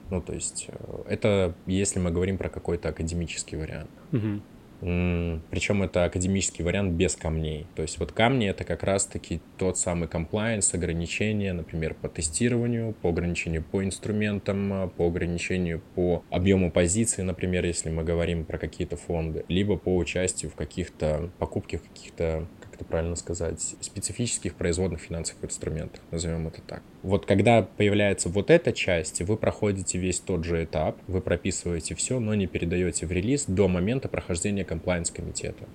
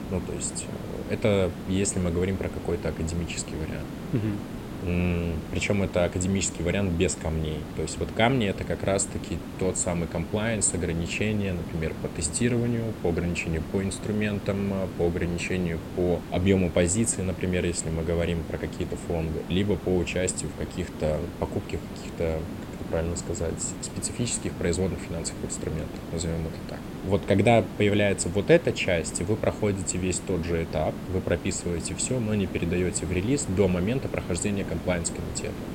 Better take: first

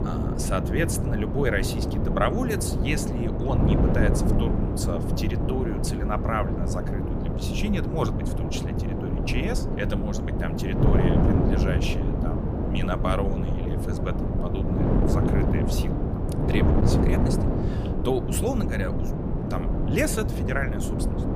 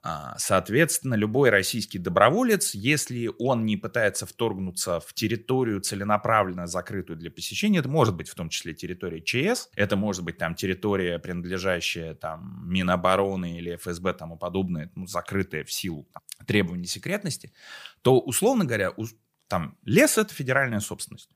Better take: second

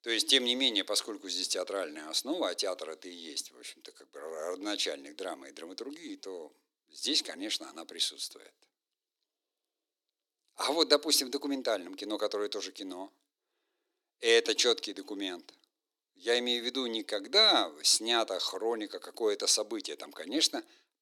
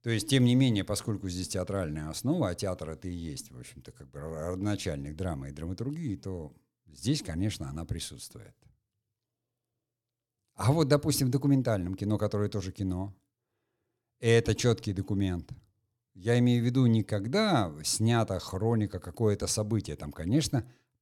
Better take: second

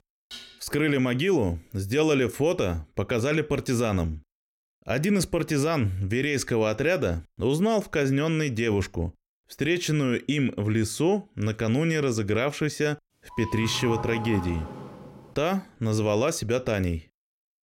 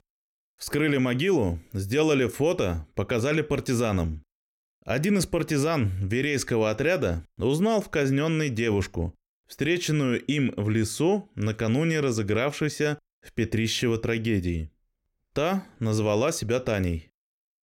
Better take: second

